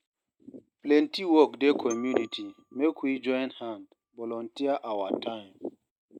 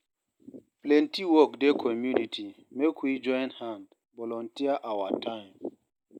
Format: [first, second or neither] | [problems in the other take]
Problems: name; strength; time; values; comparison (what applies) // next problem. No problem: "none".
second | noise reduction (neural mask model RNNoise)